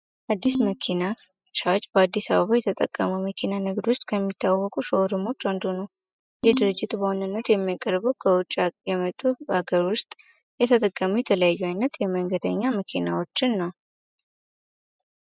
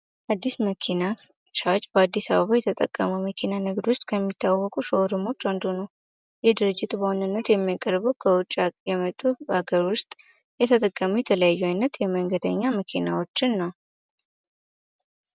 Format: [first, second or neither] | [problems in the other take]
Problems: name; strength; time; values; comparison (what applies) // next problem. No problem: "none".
second | noise reduction (classical method spectral subtraction)